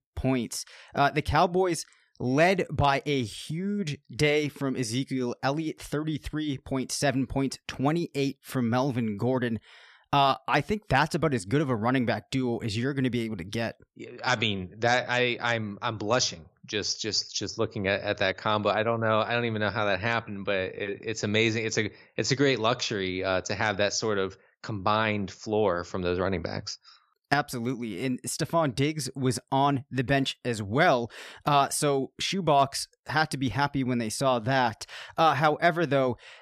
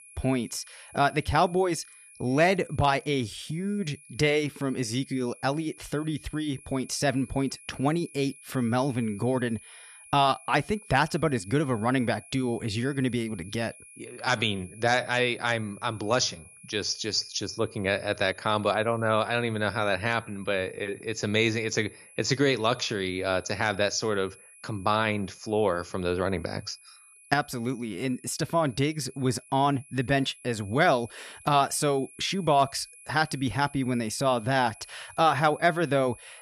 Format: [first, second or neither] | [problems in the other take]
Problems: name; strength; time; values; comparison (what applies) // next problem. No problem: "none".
first | high-pitched whine; faint; throughout; 10.5 kHz, 20 dB below the speech